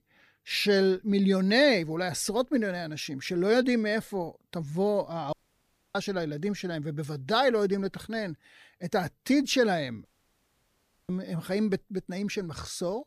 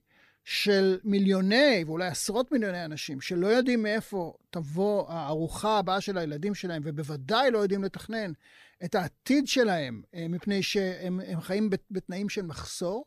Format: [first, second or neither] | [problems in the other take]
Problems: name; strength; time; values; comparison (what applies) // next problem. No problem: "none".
second | audio cutting out; at 5.5 s for 0.5 s and at 10 s for 1 s